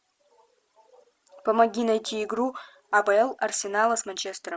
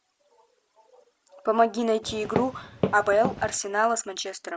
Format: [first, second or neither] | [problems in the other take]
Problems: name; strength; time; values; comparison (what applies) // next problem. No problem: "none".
first | background sound (Walk, footsteps); 4 dB below the speech